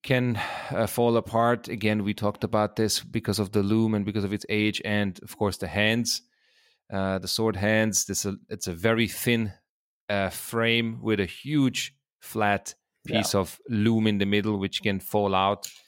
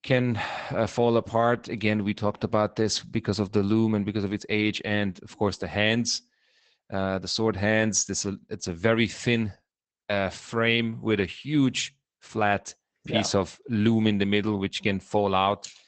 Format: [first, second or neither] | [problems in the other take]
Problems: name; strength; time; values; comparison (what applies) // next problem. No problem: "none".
first | garbled, watery; badly; nothing above 7.5 kHz